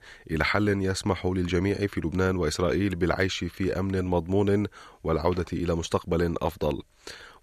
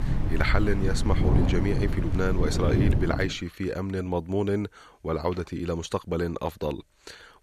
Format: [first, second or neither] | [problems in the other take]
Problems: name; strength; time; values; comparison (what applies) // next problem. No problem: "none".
first | rain or running water; very loud; until 3 s; 2 dB above the speech